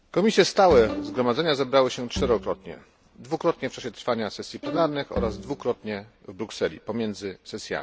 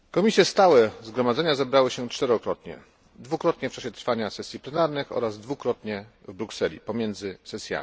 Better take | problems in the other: second | background sound (Bowed string instrument + Bowed string instrument); 11 dB below the speech

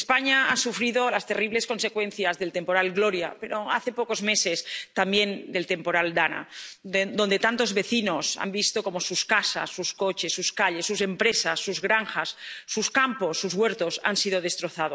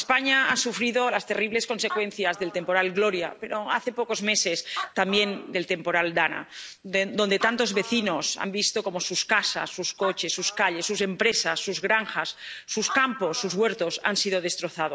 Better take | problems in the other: first | background sound (Animal); 17 dB below the speech

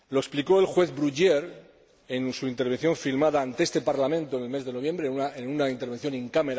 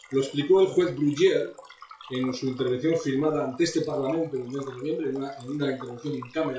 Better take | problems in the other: first | noise reduction (classical method WPE with log-MMSE)

